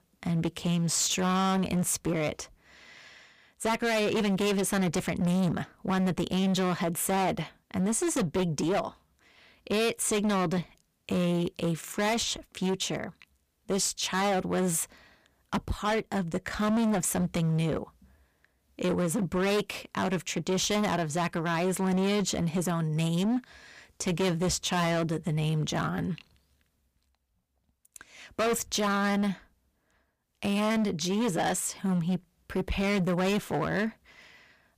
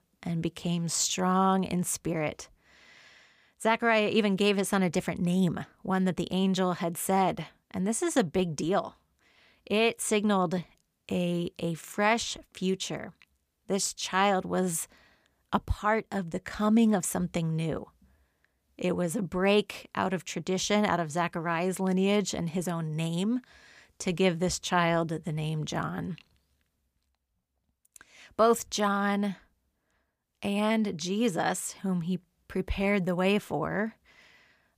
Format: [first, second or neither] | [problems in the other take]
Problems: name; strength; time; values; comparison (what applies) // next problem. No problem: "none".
second | distortion; heavy; 16% of the sound clipped